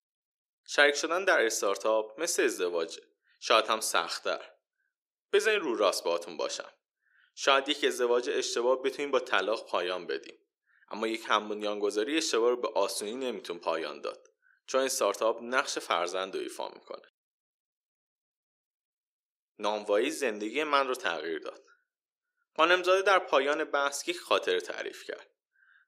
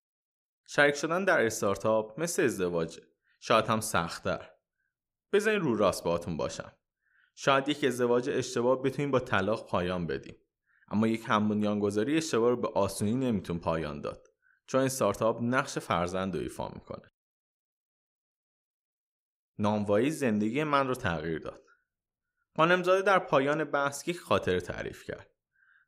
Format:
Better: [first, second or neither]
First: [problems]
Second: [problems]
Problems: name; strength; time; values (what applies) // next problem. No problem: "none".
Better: second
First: thin; somewhat; fading below 350 Hz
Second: none